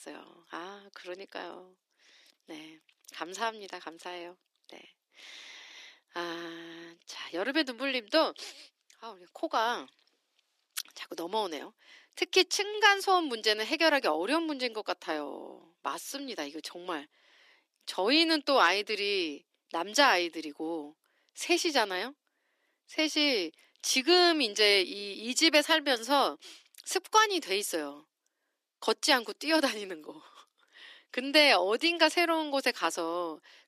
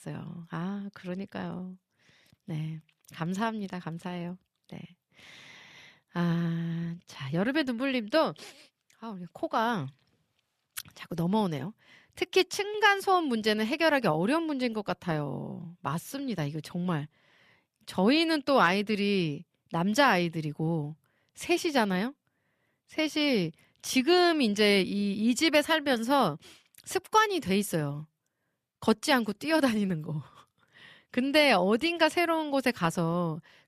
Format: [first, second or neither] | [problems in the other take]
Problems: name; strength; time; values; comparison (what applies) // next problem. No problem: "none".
second | thin; somewhat; fading below 300 Hz